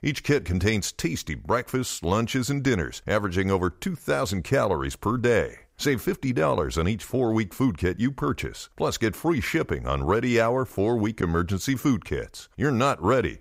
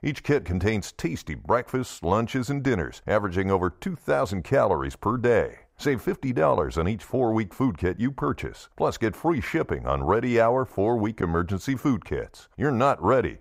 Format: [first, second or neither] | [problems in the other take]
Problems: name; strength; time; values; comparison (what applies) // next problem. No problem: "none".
first | muffled; slightly; fading above 2.5 kHz